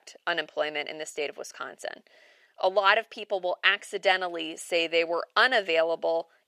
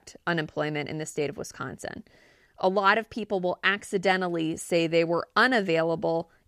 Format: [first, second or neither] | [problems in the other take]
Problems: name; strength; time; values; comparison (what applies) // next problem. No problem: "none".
second | thin; very; fading below 500 Hz